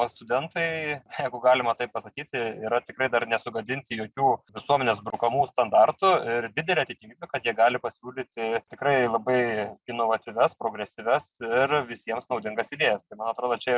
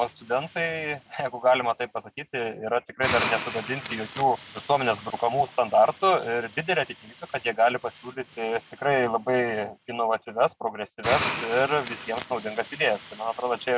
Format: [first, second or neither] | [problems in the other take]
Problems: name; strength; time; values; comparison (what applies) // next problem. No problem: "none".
first | background sound (Hiss); 12 dB below the speech